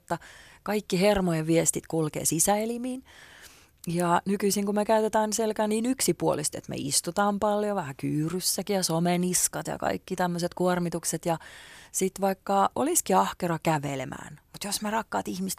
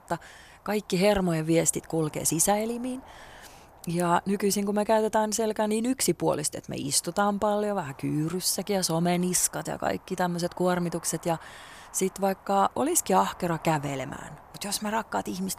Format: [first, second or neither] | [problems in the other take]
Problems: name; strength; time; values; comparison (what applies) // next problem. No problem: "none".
first | wind noise on the microphone; occasional gusts; 20 dB below the speech